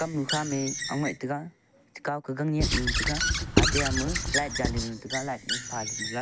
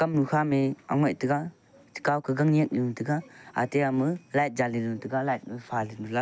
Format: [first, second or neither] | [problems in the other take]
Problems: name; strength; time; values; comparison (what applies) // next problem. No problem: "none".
second | background sound (Squeak / Writing); 2 dB above the speech